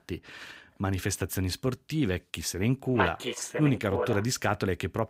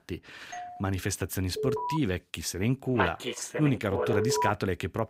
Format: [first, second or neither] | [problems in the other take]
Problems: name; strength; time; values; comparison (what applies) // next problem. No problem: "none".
first | doorbell; faint; at 0.5 s; peak 10 dB below the speech // alarm; noticeable; at 1.5 s; peak 2 dB below the speech // alarm; loud; at 4 s; peak 1 dB above the speech